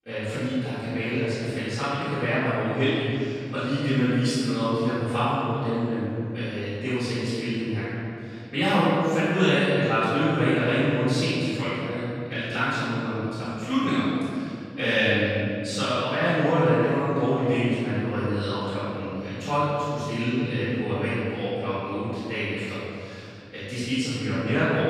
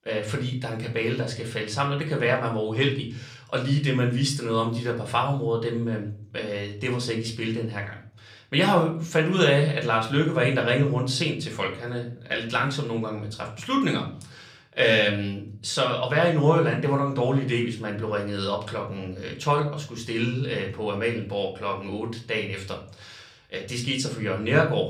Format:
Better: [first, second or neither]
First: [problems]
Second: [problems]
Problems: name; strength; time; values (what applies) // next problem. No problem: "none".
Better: second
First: room echo; strong; dies away in 2.4 s // off-mic speech; far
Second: room echo; slight; dies away in 0.5 s // off-mic speech; somewhat distant